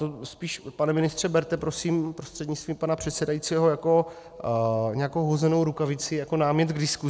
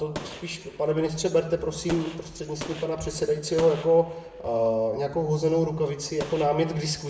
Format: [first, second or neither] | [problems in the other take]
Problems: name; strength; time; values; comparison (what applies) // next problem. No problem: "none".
first | background sound (Gunshot, gunfire); 17 dB below the speech // room echo; dies away in 0.6 s